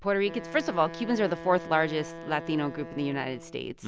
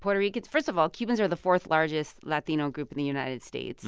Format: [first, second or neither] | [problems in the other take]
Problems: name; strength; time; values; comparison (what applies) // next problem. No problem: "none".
second | background sound (Wind instrument, woodwind instrument); 13 dB below the speech